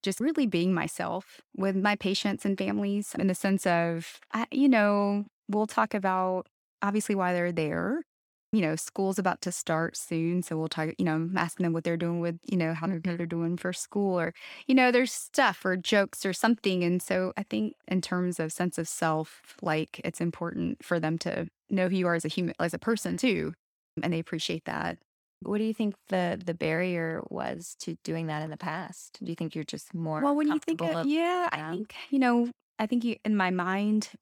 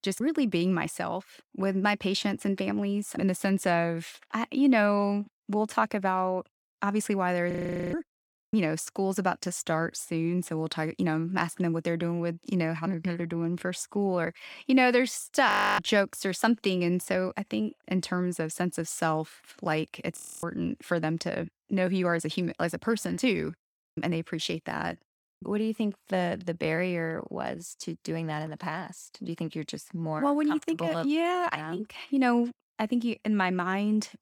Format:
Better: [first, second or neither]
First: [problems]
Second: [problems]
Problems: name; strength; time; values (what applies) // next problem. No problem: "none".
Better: first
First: none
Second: audio freezing; at 7.5 s, at 15 s and at 20 s